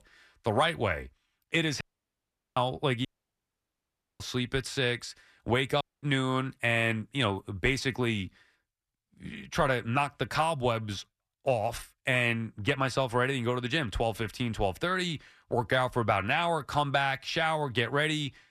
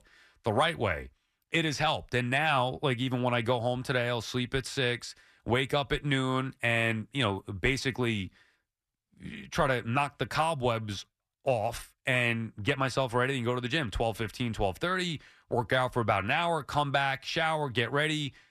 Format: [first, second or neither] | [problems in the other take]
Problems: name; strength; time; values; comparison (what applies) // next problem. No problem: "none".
second | audio cutting out; at 2 s for 1 s, at 3 s for 1 s and at 6 s